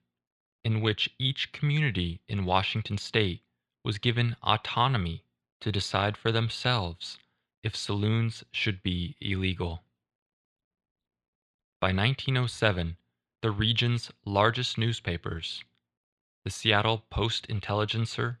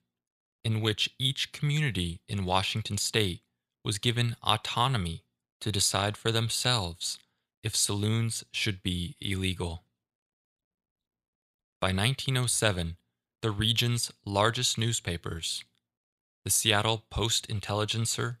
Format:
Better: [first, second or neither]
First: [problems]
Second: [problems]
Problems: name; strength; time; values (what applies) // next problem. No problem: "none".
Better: second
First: muffled; slightly; fading above 2.5 kHz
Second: none